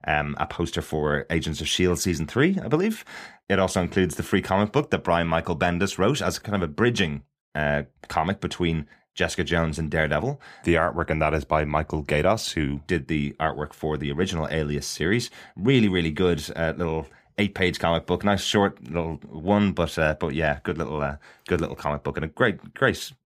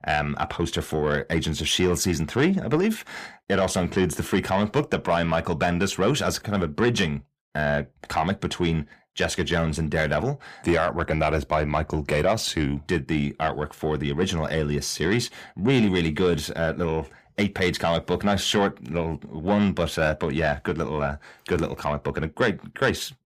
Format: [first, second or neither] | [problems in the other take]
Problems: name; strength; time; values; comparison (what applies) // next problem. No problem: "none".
first | distortion; slight; 10 dB below the speech